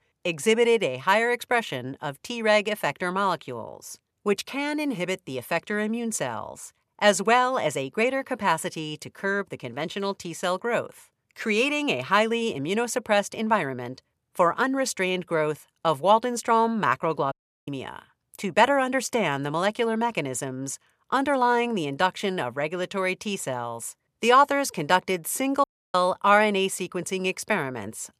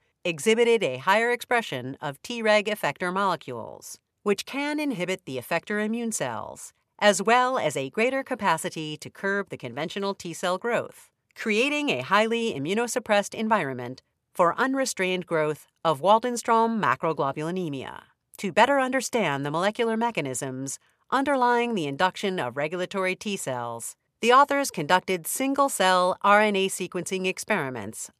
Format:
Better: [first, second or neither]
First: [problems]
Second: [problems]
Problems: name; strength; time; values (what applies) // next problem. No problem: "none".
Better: second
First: audio cutting out; at 17 s and at 26 s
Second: none